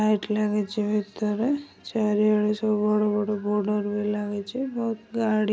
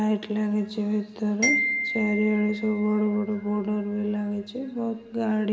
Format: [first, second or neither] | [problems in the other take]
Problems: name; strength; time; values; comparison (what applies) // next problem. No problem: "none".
first | background sound (Glockenspiel); 6 dB below the speech // room echo; dies away in 2.1 s